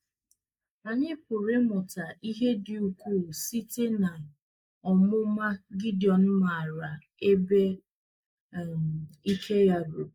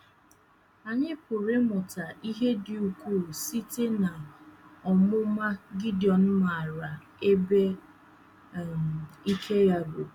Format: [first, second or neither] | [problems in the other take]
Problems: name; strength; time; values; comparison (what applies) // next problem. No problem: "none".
second | noise reduction (neural mask model Resemble Enhance denoiser)